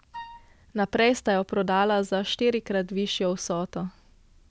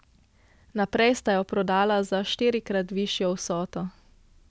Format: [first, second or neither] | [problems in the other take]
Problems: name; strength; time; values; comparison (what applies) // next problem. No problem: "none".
second | background sound (Wind instrument, woodwind instrument); 17 dB below the speech